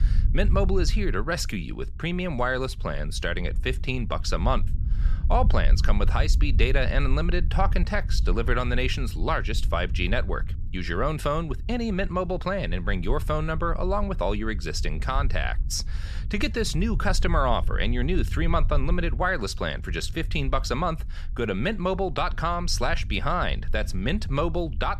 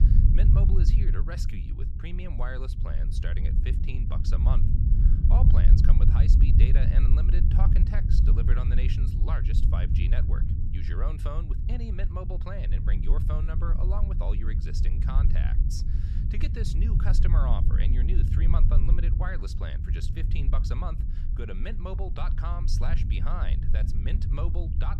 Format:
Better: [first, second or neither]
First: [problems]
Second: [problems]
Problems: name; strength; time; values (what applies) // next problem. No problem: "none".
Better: first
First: low rumble; faint; throughout; 20 dB below the speech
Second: low rumble; loud; throughout; 2 dB below the speech